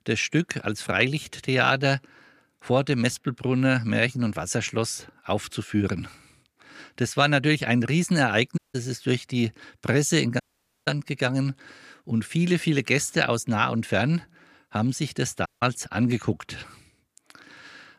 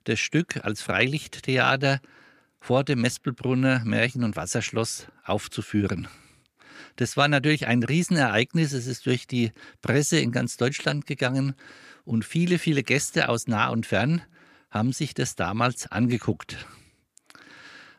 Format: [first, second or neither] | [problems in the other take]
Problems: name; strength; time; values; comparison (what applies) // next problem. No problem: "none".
second | audio cutting out; at 8.5 s, at 10 s and at 15 s